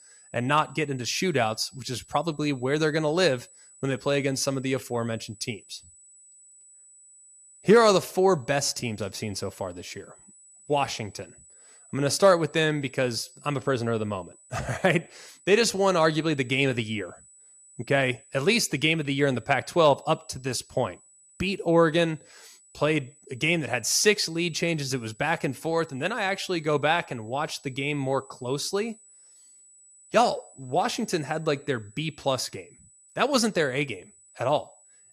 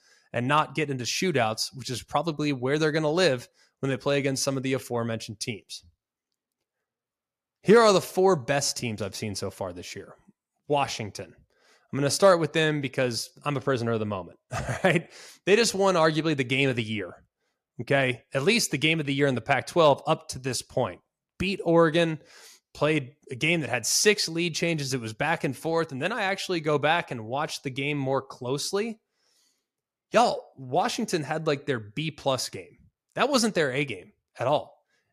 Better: second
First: high-pitched whine; faint; throughout; 8 kHz, 25 dB below the speech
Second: none

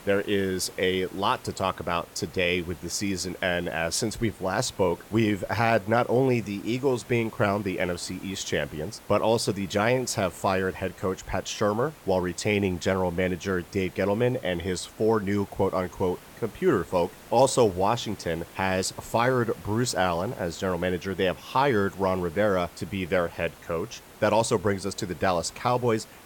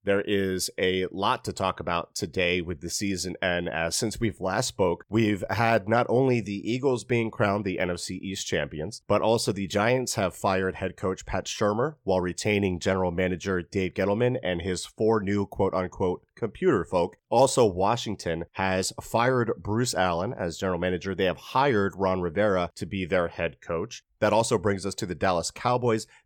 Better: second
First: hiss; faint; throughout; 20 dB below the speech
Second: none

